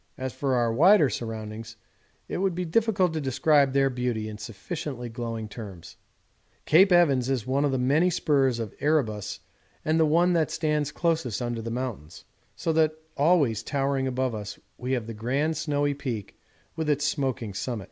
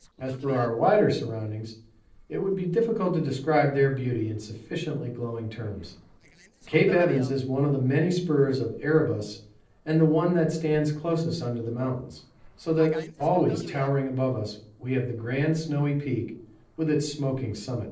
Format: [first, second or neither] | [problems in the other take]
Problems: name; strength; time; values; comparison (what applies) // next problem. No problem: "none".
first | noise reduction (neural separator model SepFormer DNS4)